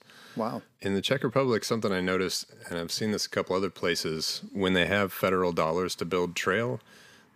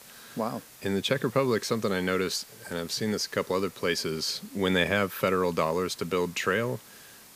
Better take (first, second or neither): first